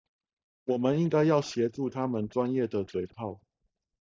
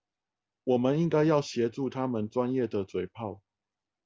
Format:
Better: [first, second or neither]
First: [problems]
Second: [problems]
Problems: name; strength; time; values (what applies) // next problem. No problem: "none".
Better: second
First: noise reduction (neural mask model DeepFilterNet 3)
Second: none